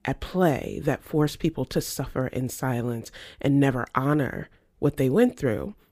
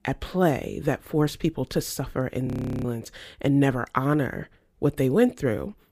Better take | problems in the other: first | audio freezing; at 2.5 s

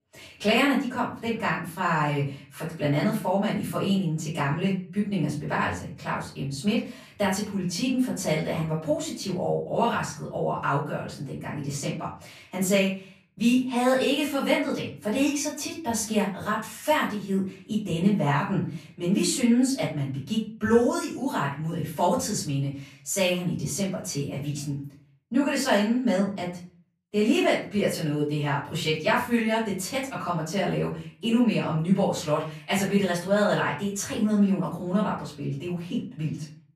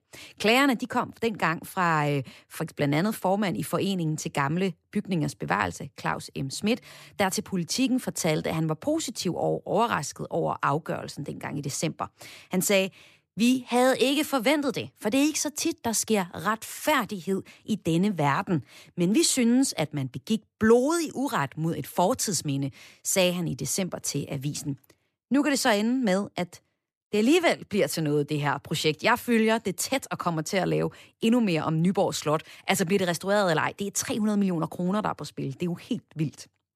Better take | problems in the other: second | off-mic speech; far // room echo; slight; dies away in 0.4 s

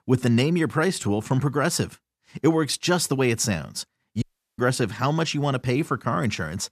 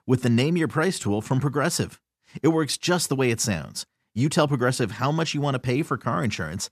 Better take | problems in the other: second | audio cutting out; at 4 s

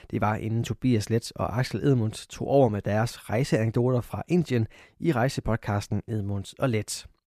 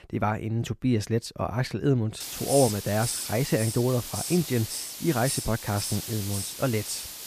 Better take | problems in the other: first | hiss; loud; from 2 s on; 5 dB below the speech

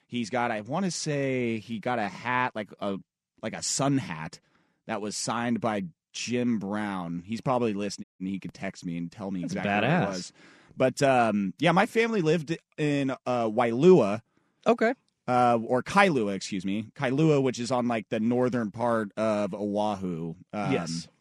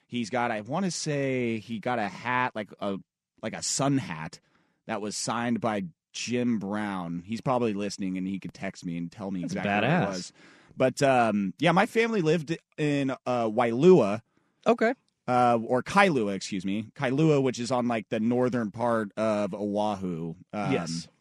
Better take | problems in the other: second | audio cutting out; at 8 s

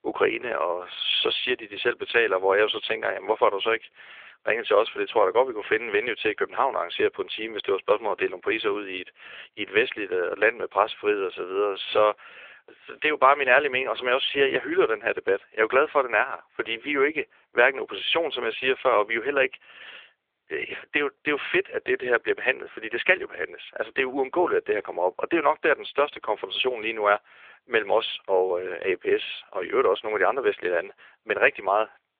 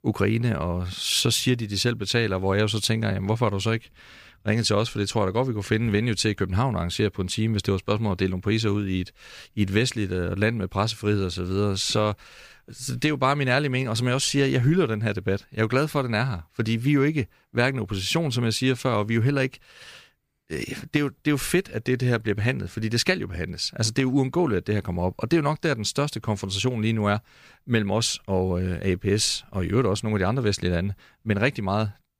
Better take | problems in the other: second | phone-call audio; nothing above 3.5 kHz

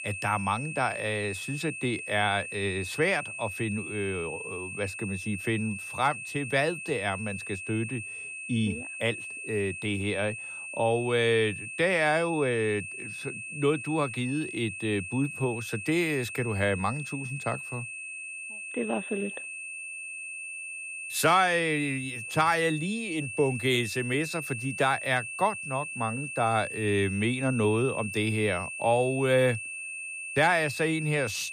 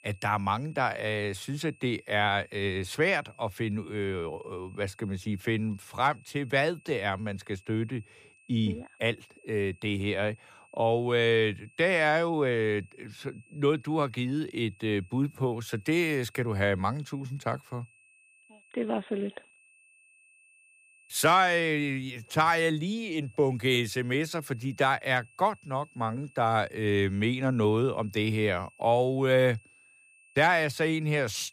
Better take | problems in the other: second | high-pitched whine; loud; throughout; 2.5 kHz, 7 dB below the speech; faint in the second

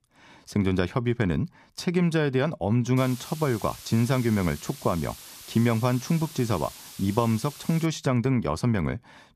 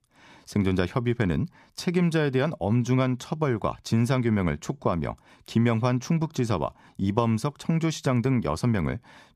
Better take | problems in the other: second | hiss; noticeable; from 3 to 8 s; 15 dB below the speech

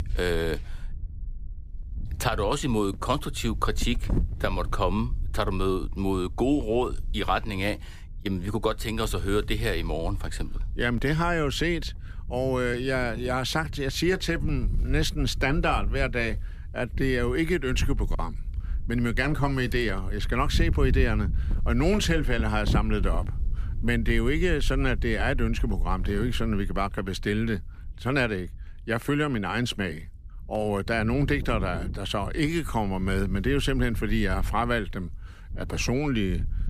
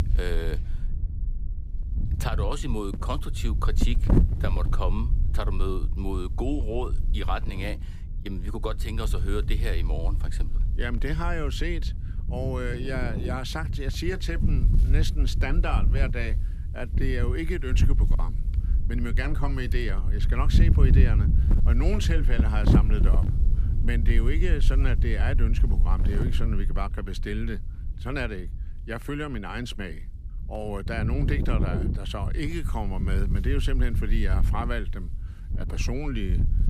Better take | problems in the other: first | wind noise on the microphone; heavy; 7 dB below the speech; occasional gusts in the first

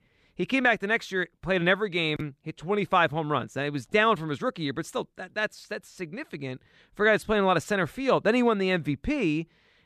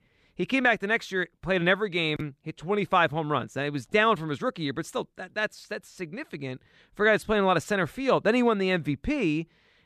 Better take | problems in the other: neither | none

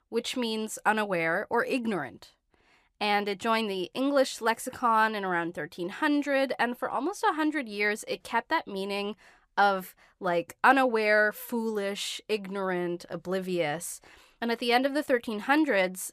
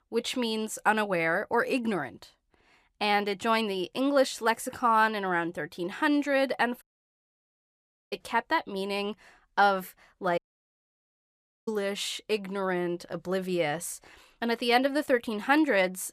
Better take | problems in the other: first | audio cutting out; at 7 s for 1.5 s and at 10 s for 1.5 s

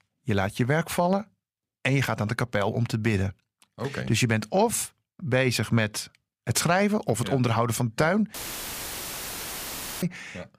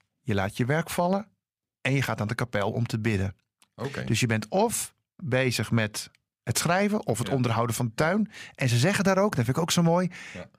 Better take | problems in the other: second | audio cutting out; filled with static; at 8.5 s for 1.5 s

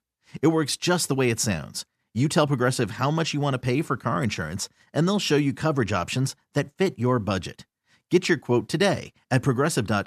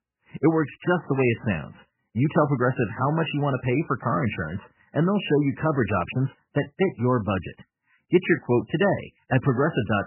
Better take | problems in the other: first | garbled, watery; badly; nothing above 3 kHz

